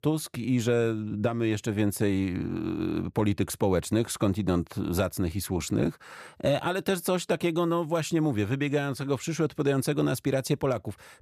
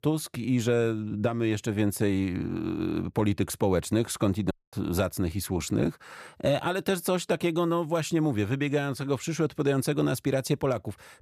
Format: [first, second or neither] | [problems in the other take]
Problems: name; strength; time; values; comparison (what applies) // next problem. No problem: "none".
first | audio cutting out; at 4.5 s